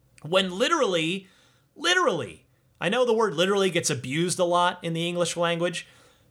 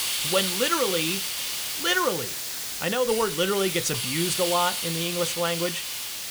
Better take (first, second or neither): first